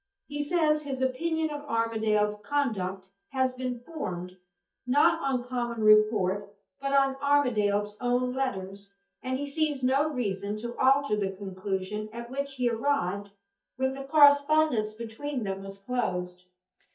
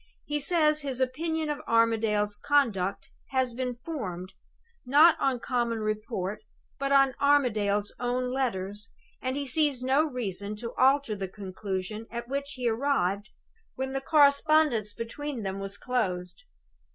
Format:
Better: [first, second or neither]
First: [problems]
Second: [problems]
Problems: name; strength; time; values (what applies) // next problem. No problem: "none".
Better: second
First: noise reduction (neural mask model DeepFilterNet 3)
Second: none